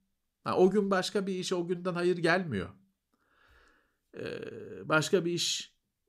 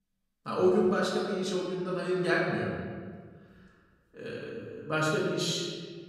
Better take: first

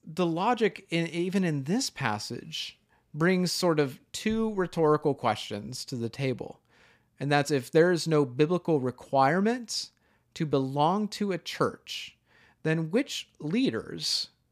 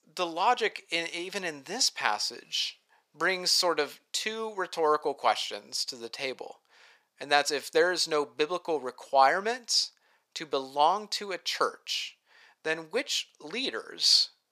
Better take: first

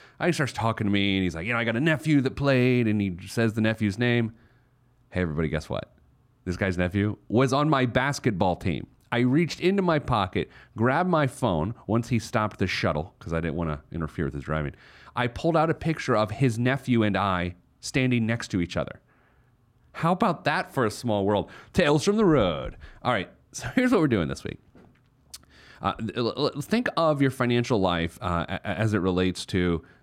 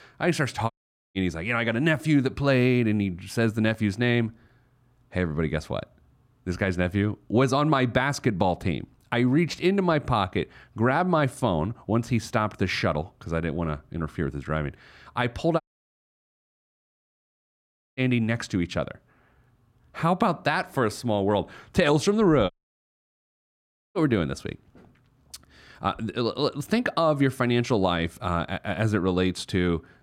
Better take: first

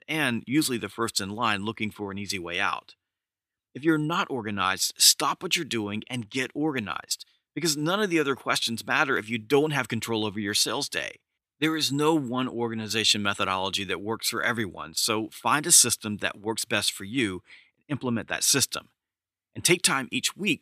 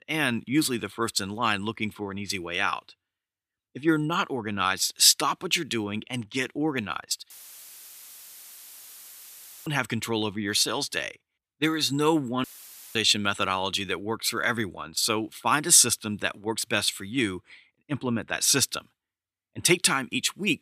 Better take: first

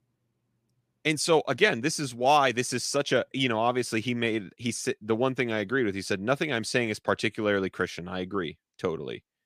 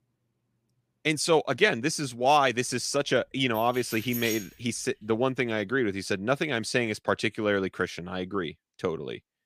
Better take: first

